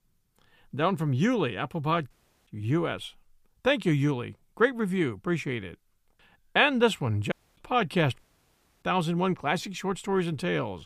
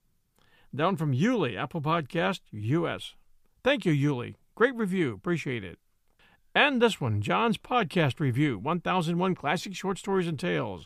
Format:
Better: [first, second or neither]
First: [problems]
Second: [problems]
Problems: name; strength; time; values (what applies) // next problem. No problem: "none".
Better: second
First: audio cutting out; at 2 s, at 7.5 s and at 8 s for 0.5 s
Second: none